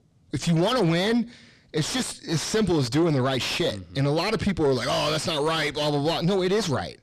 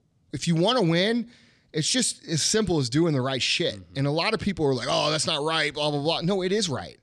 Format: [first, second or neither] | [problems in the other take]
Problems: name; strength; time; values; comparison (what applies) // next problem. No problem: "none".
second | distortion; heavy; 6 dB below the speech